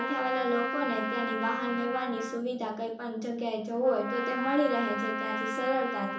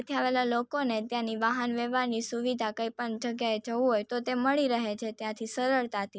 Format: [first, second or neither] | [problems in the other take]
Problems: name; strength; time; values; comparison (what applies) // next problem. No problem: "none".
second | background sound (Trumpet); 4 dB below the speech // room echo; dies away in 1.2 s